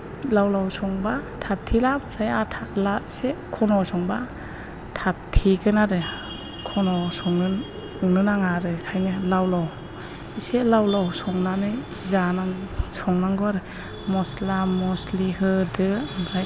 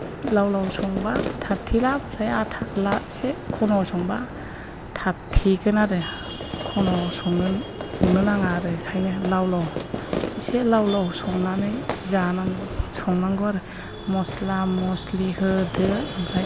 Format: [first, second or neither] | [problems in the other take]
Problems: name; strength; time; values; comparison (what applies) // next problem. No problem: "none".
first | background sound (Fireworks); 9 dB below the speech